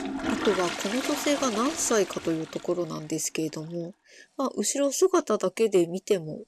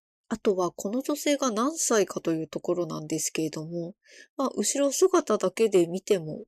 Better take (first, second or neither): second